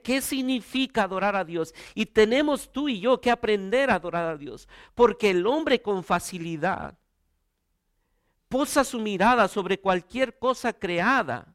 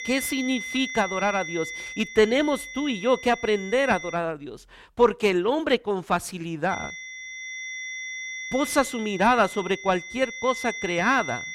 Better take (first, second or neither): first